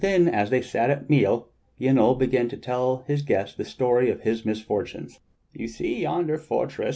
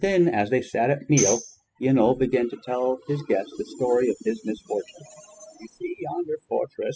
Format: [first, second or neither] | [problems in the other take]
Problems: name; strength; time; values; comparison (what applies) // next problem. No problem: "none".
first | noise reduction (classical method spectral subtraction)